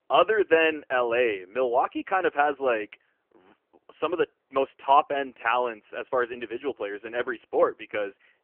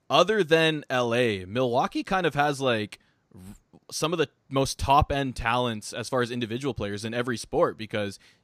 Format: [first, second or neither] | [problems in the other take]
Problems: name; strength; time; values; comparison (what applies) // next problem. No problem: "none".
second | phone-call audio; poor line; nothing above 3 kHz